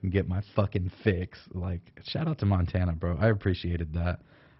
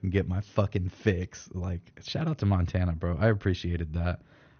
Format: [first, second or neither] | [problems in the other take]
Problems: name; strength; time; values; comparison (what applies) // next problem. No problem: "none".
second | garbled, watery; badly; nothing above 5.5 kHz; slightly in the second